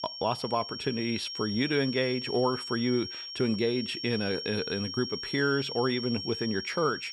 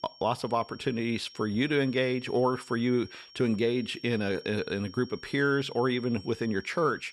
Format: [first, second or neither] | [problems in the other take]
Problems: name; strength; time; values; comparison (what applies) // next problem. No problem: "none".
second | high-pitched whine; loud; throughout; 5.5 kHz, 6 dB below the speech; faint in the second